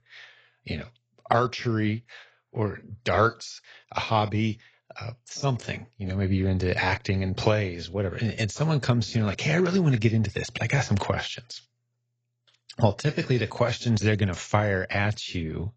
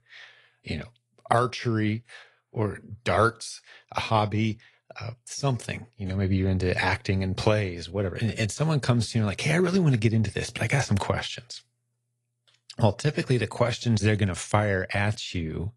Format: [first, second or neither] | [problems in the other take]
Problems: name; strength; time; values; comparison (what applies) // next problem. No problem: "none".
second | garbled, watery; badly; nothing above 7.5 kHz; slightly in the second